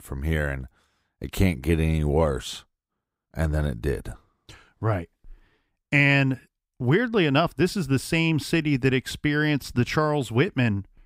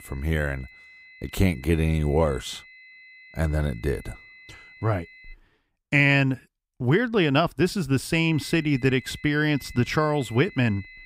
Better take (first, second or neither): first